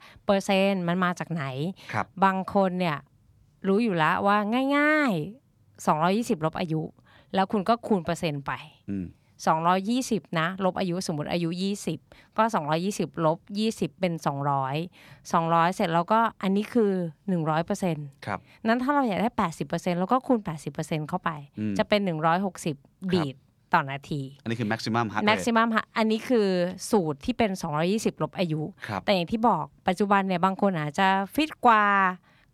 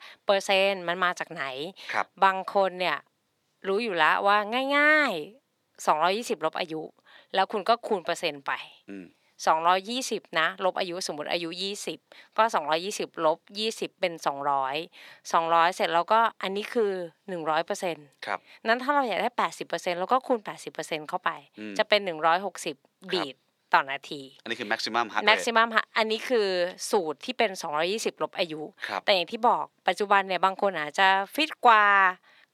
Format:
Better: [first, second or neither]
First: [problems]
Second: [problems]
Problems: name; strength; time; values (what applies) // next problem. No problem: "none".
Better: first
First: none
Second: thin; somewhat; fading below 450 Hz